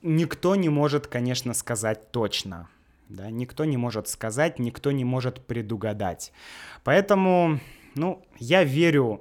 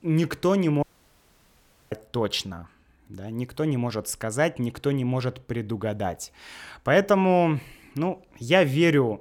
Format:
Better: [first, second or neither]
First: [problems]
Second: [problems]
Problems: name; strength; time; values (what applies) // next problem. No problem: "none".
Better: first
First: none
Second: audio cutting out; at 1 s for 1 s